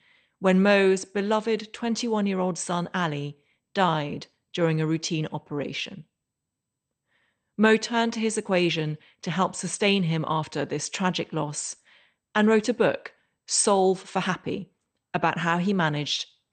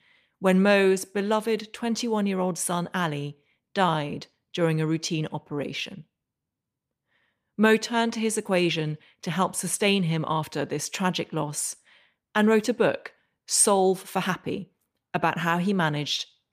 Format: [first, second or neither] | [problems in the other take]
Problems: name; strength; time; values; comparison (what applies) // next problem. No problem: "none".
second | garbled, watery; slightly; nothing above 8.5 kHz